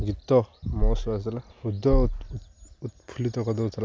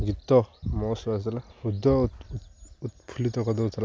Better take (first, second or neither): second